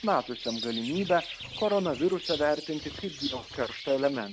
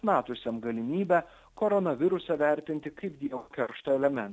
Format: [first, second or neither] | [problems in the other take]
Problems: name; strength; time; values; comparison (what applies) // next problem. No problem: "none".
second | background sound (Bird); 11 dB below the speech